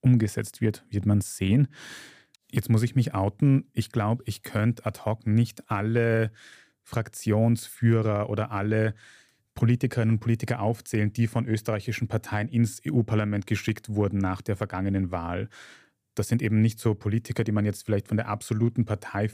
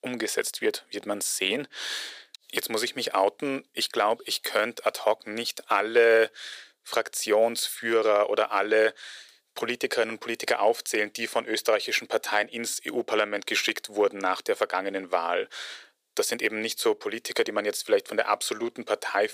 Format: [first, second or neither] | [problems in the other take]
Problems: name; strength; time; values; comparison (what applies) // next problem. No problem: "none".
first | thin; very; fading below 450 Hz